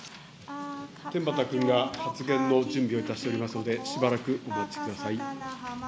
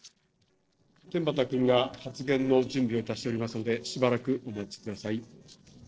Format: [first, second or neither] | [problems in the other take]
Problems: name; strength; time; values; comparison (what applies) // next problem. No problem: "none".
first | noise reduction (neural separator model SepFormer DNS4)